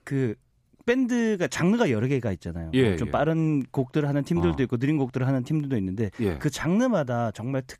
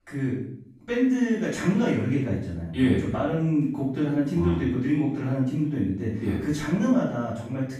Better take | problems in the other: first | off-mic speech; far // room echo; noticeable; dies away in 0.6 s

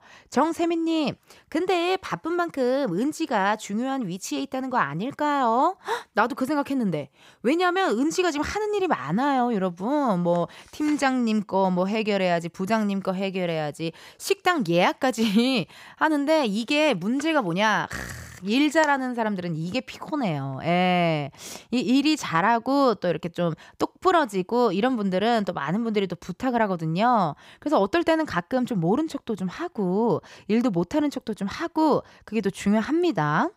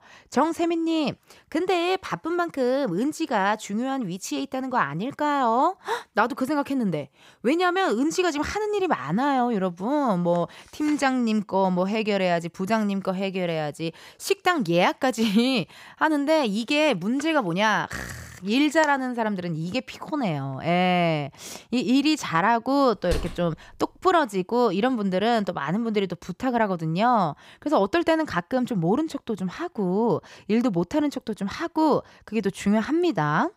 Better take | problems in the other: first | door banging; noticeable; at 23 s; peak 9 dB below the speech

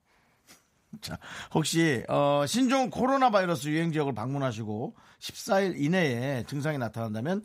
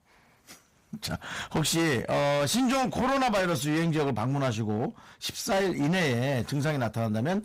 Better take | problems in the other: first | distortion; heavy; 22% of the sound clipped

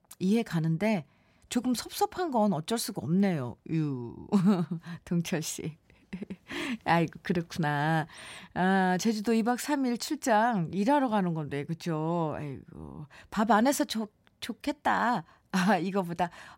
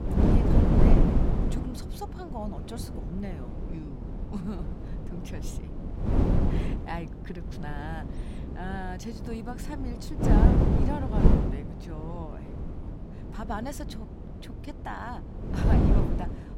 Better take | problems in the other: first | wind noise on the microphone; heavy; 5 dB above the speech

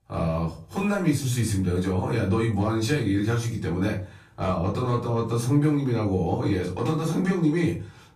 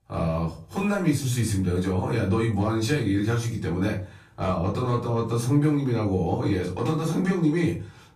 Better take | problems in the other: neither | off-mic speech; far; the same in both // room echo; slight; dies away in 0.3 s; the same in both

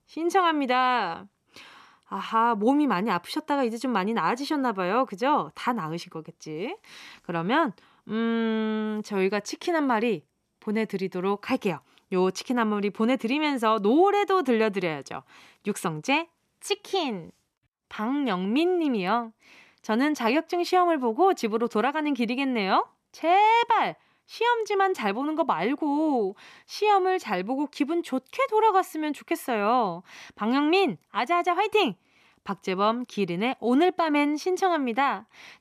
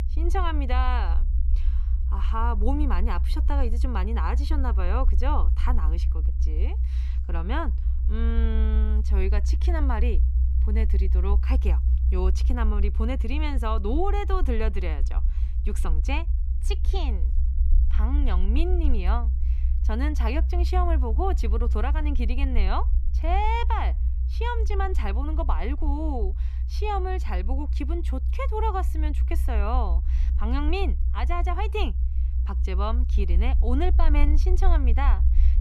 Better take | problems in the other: first | low rumble; noticeable; throughout; 15 dB below the speech

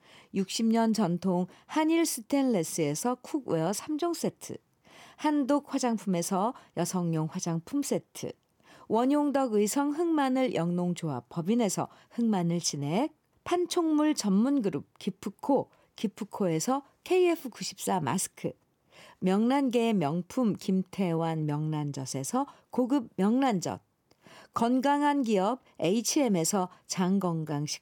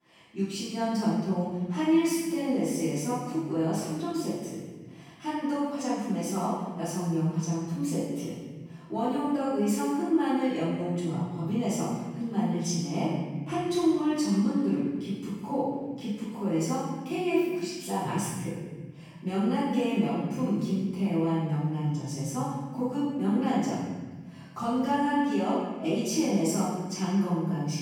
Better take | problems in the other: first | off-mic speech; far // room echo; strong; dies away in 1.8 s

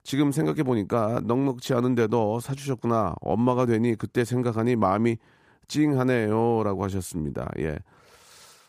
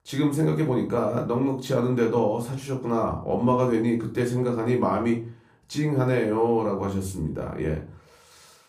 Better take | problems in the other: first | room echo; slight; dies away in 0.3 s // off-mic speech; somewhat distant

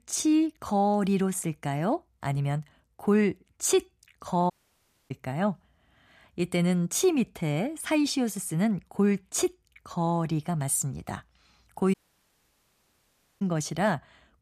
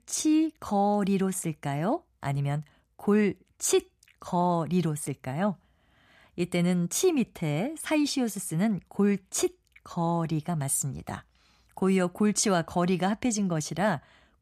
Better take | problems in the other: second | audio cutting out; at 4.5 s for 0.5 s and at 12 s for 1.5 s

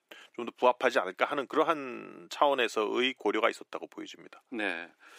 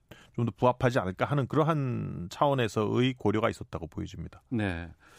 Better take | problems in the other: second | thin; somewhat; fading below 300 Hz

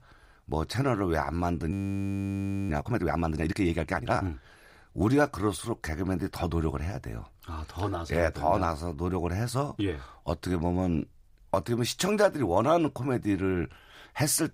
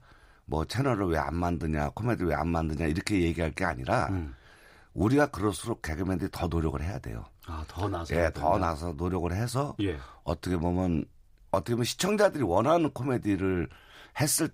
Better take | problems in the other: second | audio freezing; at 1.5 s for 1 s

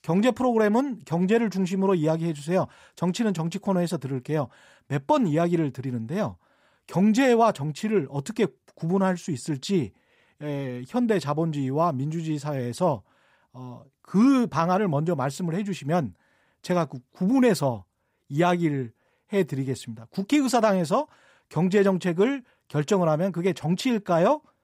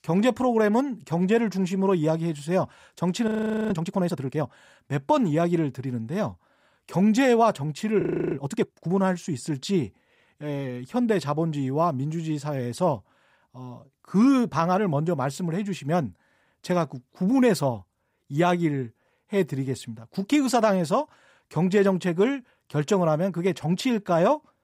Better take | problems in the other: first | audio freezing; at 3.5 s and at 8 s

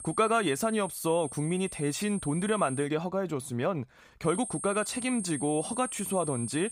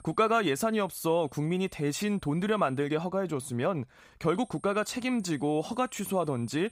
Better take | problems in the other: second | high-pitched whine; loud; until 3 s and from 4.5 s on; 8.5 kHz, 8 dB below the speech; faint in the second

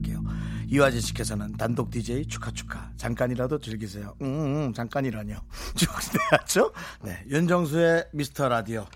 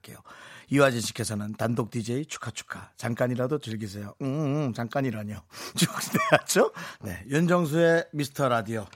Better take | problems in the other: second | low rumble; faint; throughout; 20 dB below the speech

